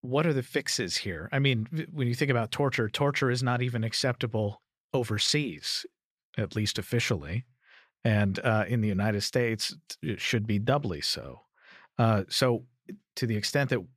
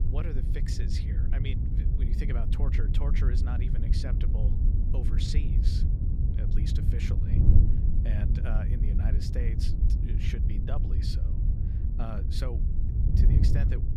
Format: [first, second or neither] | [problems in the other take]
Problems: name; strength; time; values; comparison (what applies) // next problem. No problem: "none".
first | wind noise on the microphone; heavy; as loud as the speech